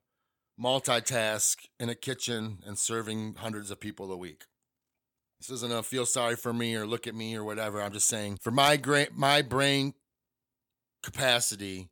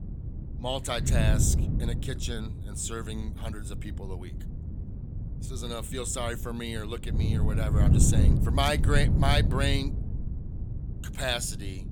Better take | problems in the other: first | wind noise on the microphone; heavy; 9 dB below the speech

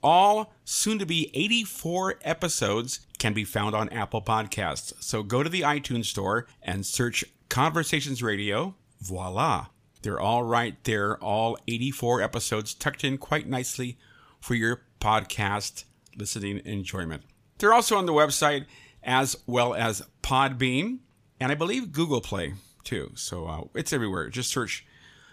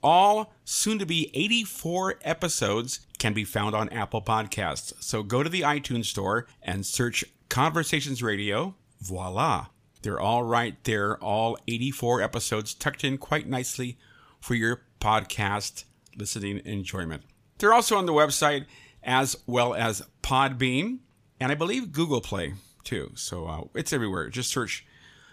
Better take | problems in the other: neither | none

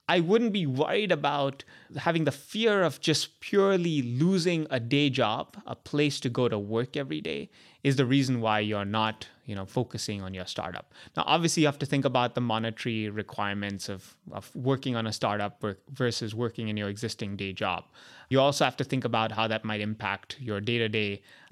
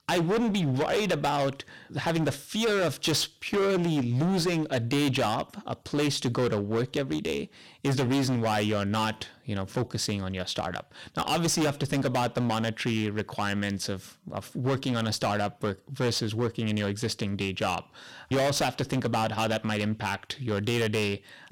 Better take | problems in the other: first | distortion; heavy; 17% of the sound clipped

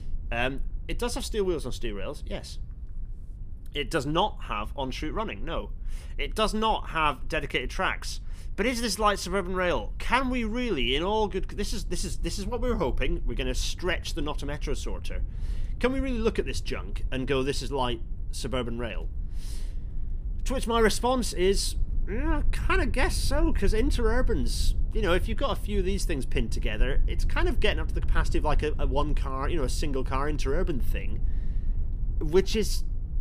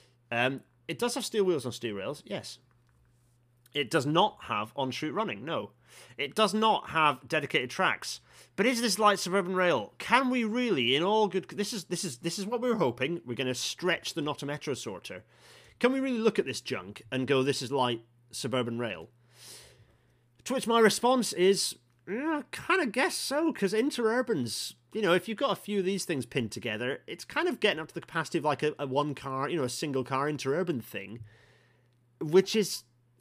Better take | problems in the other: second | low rumble; faint; throughout; 25 dB below the speech

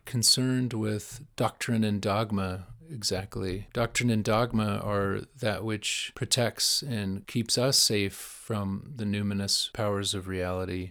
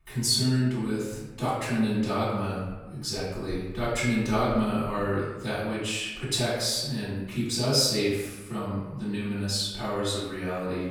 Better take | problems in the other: first | off-mic speech; far // room echo; noticeable; dies away in 0.9 s

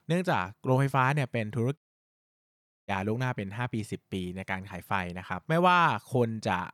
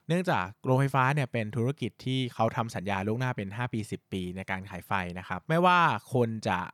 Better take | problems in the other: second | audio cutting out; at 2 s for 1 s

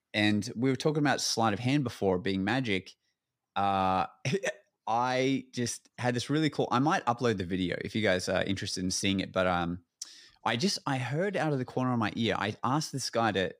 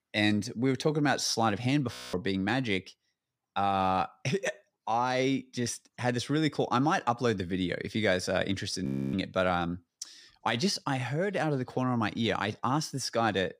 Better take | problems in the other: first | audio freezing; at 2 s and at 9 s

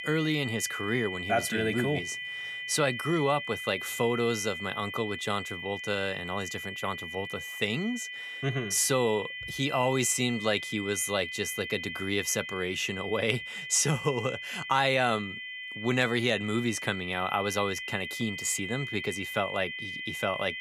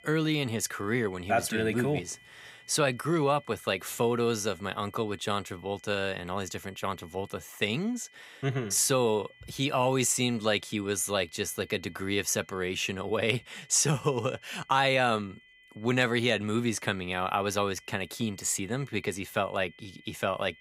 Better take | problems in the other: second | high-pitched whine; loud; throughout; 2 kHz, 6 dB below the speech; faint in the second

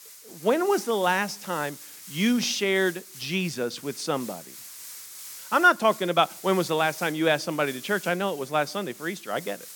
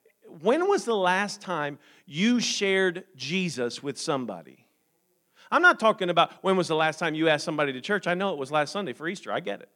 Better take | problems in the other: second | hiss; noticeable; throughout; 15 dB below the speech

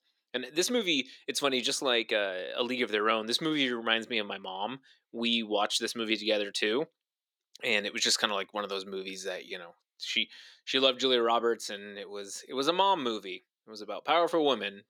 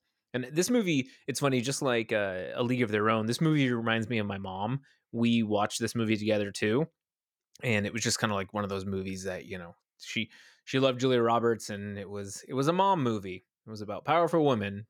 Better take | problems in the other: second | thin; very slightly; fading below 300 Hz

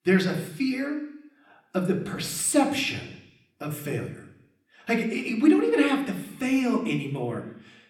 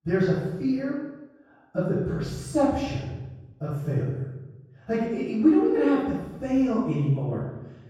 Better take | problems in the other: first | room echo; strong; dies away in 1.3 s; slight in the first // off-mic speech; far; somewhat distant in the first

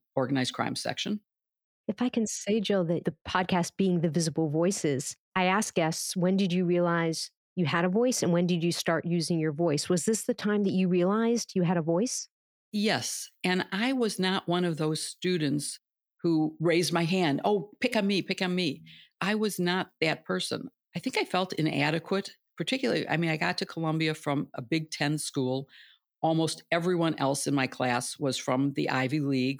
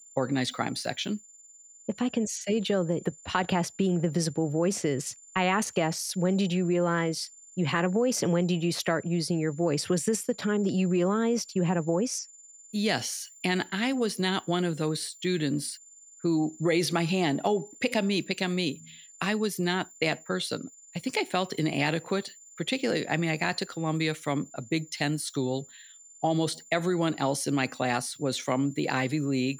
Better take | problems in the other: first | high-pitched whine; faint; throughout; 7 kHz, 20 dB below the speech

